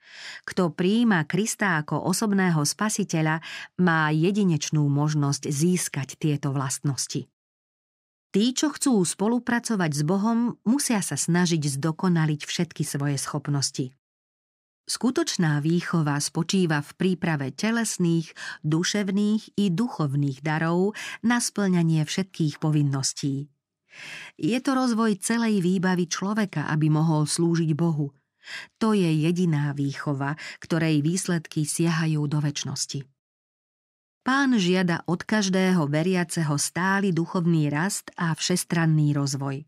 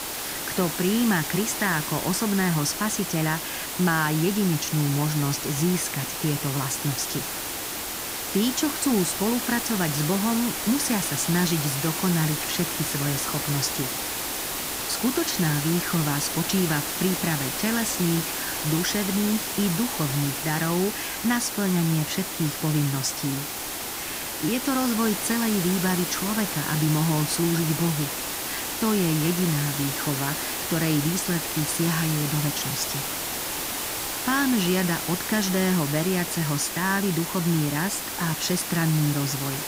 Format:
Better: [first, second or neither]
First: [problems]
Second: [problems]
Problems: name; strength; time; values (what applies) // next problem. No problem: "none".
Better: first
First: none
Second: hiss; loud; throughout; 2 dB below the speech